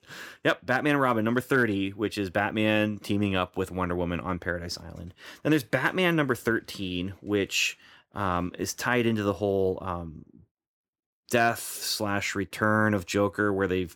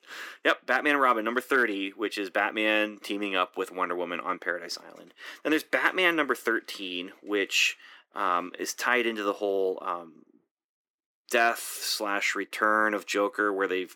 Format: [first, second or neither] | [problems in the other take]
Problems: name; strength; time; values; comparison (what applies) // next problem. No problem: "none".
first | thin; somewhat; fading below 300 Hz